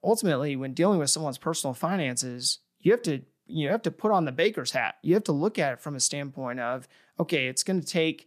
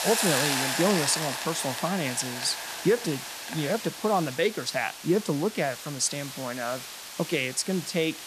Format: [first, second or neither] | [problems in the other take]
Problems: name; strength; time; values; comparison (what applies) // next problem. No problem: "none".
first | hiss; loud; throughout; 4 dB below the speech